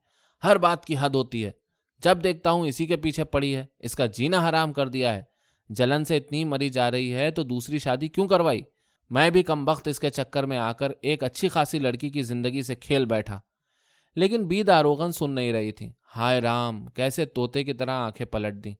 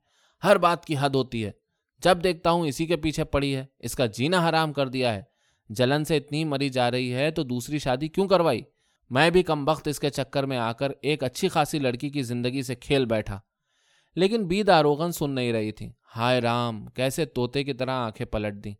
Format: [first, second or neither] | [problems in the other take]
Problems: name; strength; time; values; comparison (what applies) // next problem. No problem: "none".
second | garbled, watery; slightly; nothing above 18.5 kHz